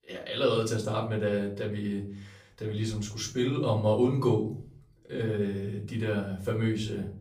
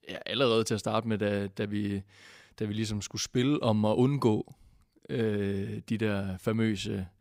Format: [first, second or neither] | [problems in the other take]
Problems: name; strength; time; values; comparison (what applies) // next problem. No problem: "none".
second | off-mic speech; far // room echo; slight; dies away in 0.5 s